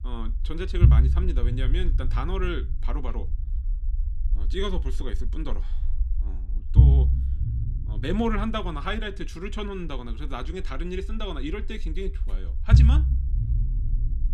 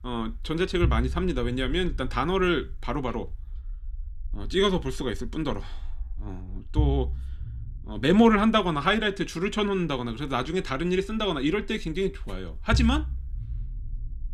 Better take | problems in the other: second | low rumble; loud; throughout; 6 dB below the speech; faint in the second

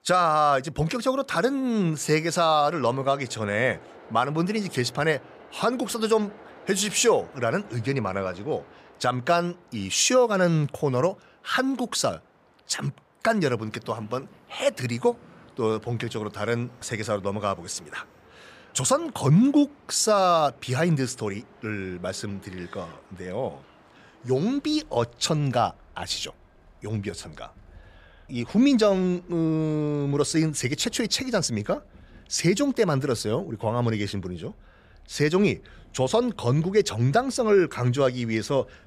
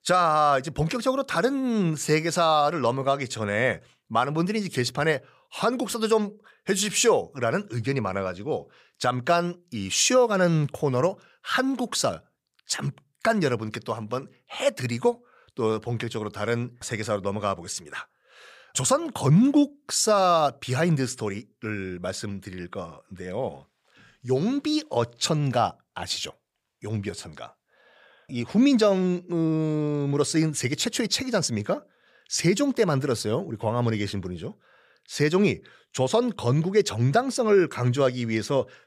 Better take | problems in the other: second | train or aircraft noise; faint; throughout; 25 dB below the speech

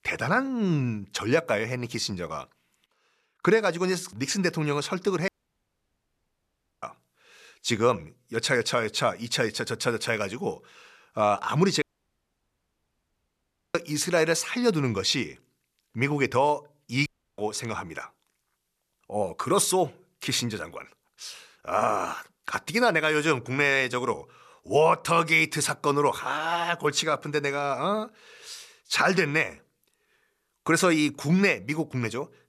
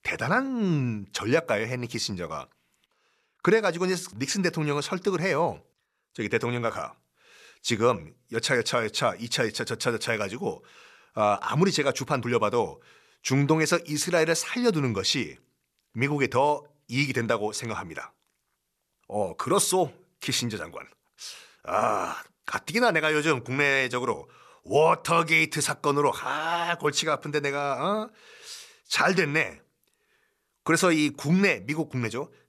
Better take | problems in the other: second | audio cutting out; at 5.5 s for 1.5 s, at 12 s for 2 s and at 17 s

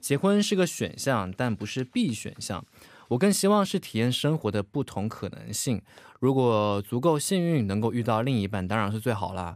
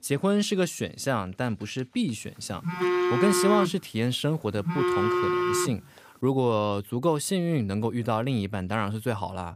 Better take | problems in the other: first | phone ringing; loud; from 2.5 to 6 s; peak 3 dB above the speech

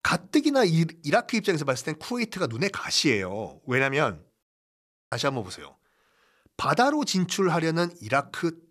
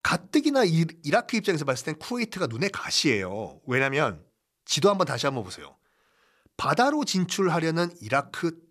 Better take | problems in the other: second | audio cutting out; at 4.5 s for 0.5 s

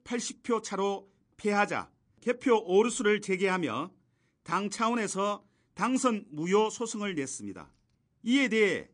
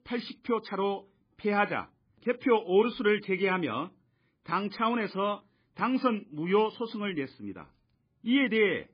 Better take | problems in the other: first | garbled, watery; badly; slightly in the first

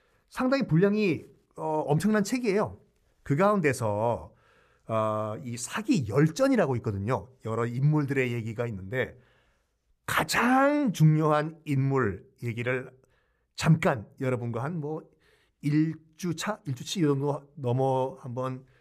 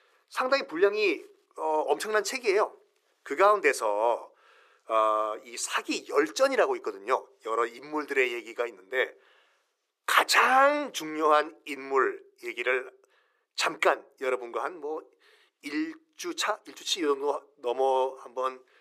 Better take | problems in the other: first | thin; very; fading below 350 Hz

